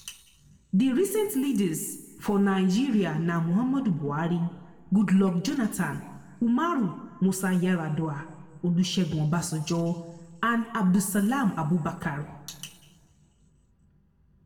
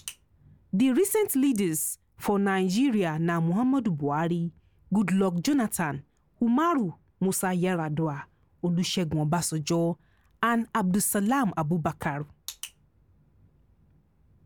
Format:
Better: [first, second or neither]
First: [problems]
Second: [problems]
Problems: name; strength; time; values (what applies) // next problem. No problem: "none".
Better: second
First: room echo; dies away in 1.3 s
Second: none